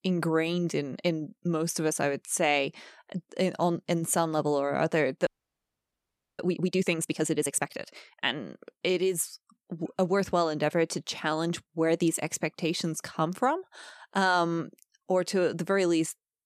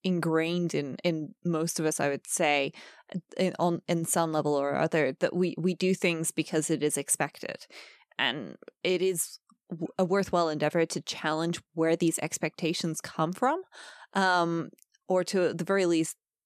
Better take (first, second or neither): second